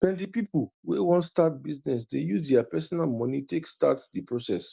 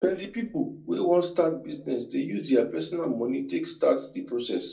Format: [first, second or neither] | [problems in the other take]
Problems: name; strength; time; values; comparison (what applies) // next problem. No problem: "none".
first | room echo; dies away in 0.2 s